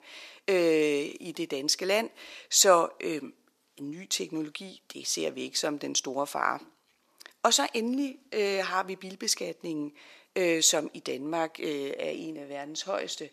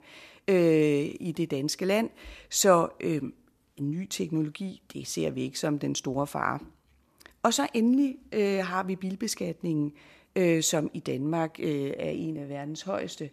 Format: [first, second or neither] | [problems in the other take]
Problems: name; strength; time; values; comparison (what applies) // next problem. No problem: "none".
second | thin; somewhat; fading below 400 Hz